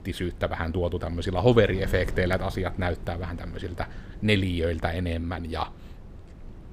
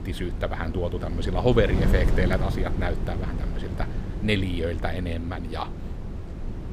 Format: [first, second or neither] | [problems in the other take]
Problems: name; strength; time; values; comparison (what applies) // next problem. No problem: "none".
first | wind noise on the microphone; heavy; 9 dB below the speech; occasional gusts in the first